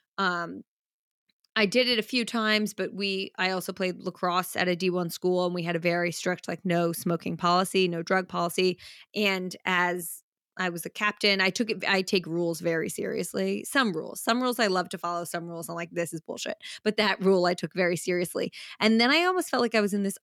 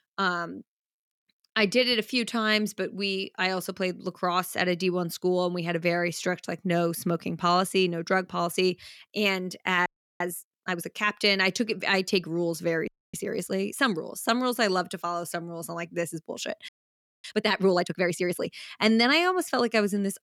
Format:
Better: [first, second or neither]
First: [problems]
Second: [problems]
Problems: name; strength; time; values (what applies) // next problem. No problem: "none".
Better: first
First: none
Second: audio freezing; at 10 s, at 13 s and at 17 s for 0.5 s